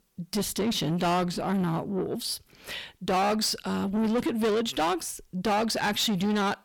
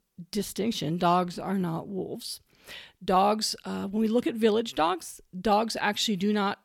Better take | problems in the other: second | distortion; heavy; 7 dB below the speech

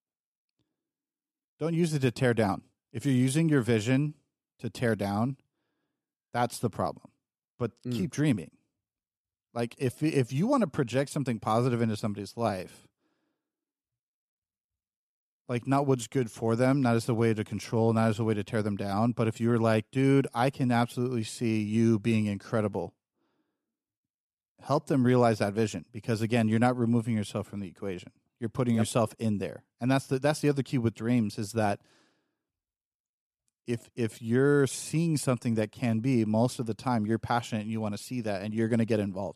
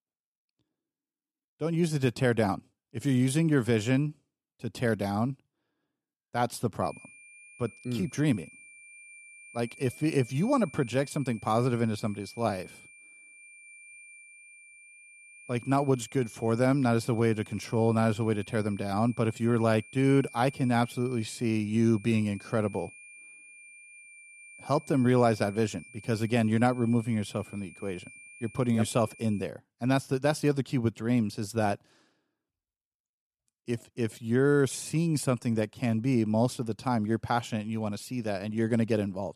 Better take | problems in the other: first | high-pitched whine; faint; from 7 to 29 s; 2.5 kHz, 20 dB below the speech

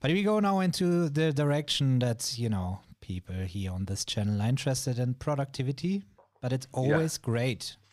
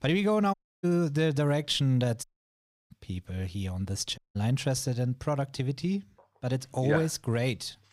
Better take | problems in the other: first | audio cutting out; at 0.5 s, at 2 s for 0.5 s and at 4 s

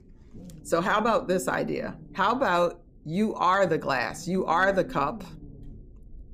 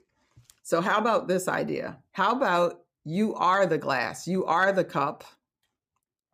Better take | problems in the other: second | low rumble; faint; throughout; 25 dB below the speech

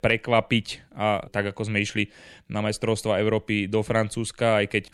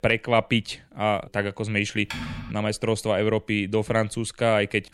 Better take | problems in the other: first | keyboard typing; noticeable; at 2 s; peak 8 dB below the speech

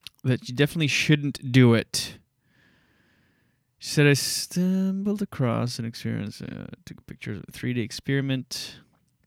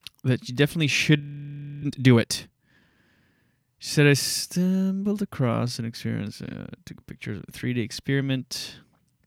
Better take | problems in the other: first | audio freezing; at 1 s for 0.5 s

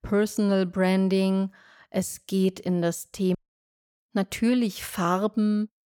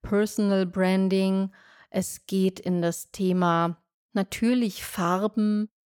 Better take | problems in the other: second | audio cutting out; at 3.5 s for 0.5 s

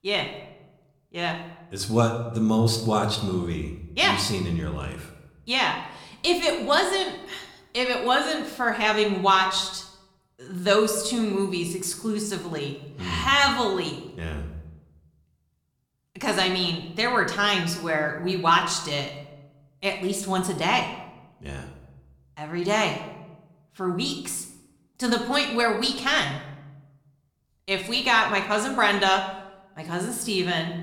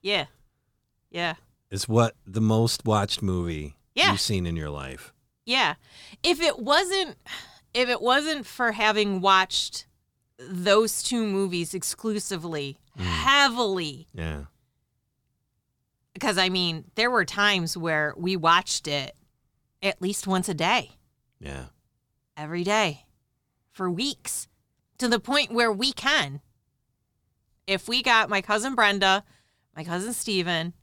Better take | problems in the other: second | room echo; slight; dies away in 0.7 s

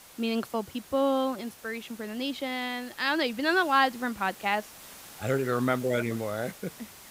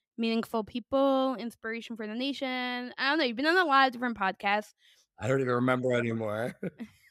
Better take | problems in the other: second | hiss; noticeable; throughout; 20 dB below the speech

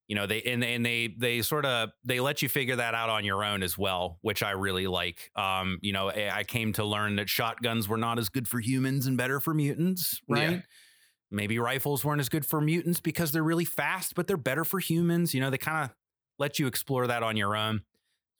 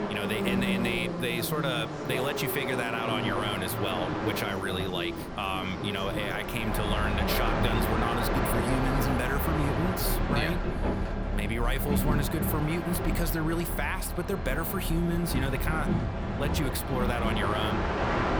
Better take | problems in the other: first | train or aircraft noise; very loud; throughout; as loud as the speech

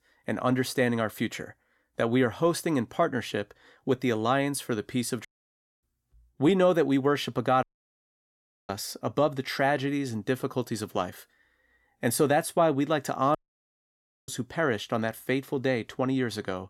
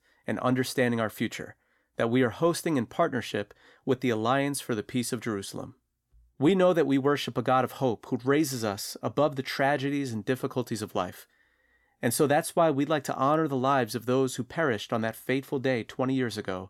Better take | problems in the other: second | audio cutting out; at 5.5 s for 0.5 s, at 7.5 s for 1 s and at 13 s for 1 s

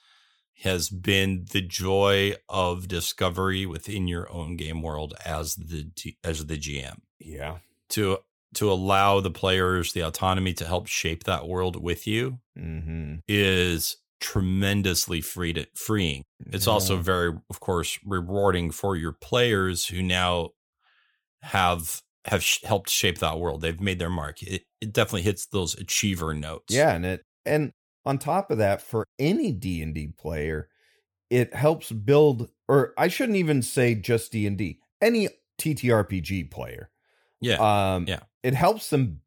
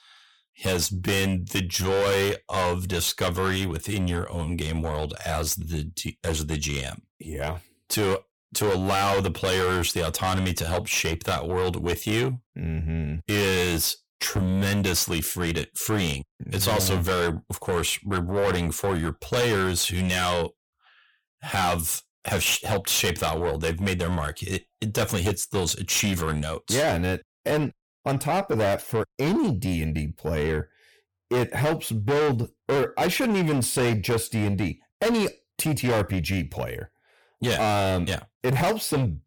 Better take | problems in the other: first | distortion; heavy; 5 dB below the speech

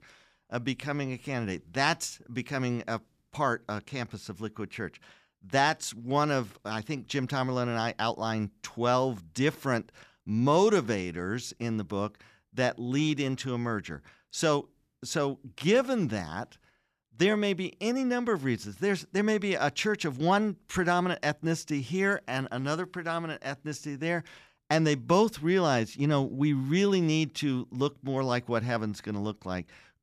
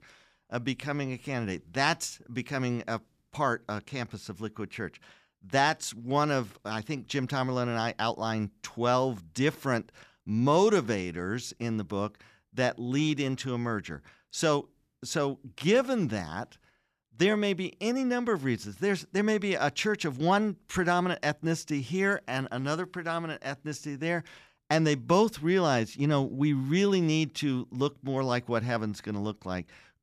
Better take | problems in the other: neither | none

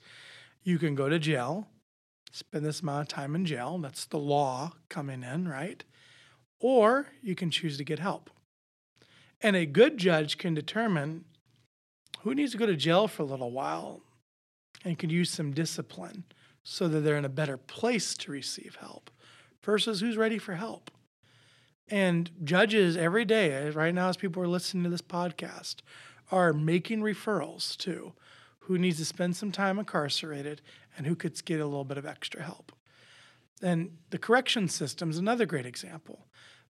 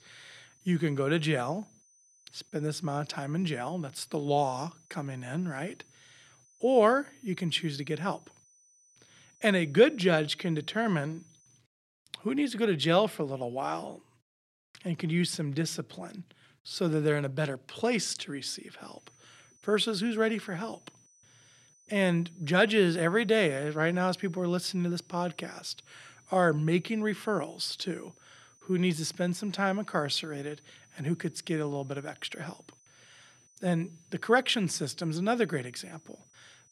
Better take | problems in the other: first | high-pitched whine; faint; until 12 s and from 19 s on; 6 kHz, 30 dB below the speech

